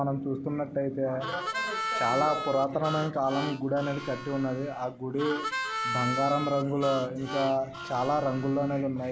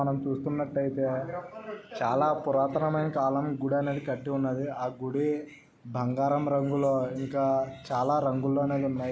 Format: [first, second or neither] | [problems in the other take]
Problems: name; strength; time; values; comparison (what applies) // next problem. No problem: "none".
second | background sound (Harmonica); 6 dB below the speech